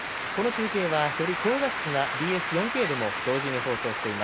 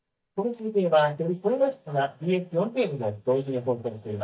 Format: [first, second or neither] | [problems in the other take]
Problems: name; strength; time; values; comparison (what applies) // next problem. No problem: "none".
first | noise reduction (neural mask model DeepFilterNet 3)